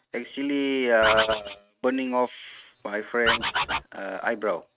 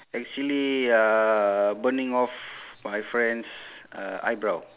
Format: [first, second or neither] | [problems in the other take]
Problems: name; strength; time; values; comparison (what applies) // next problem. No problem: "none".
second | noise reduction (neural mask model RNNoise)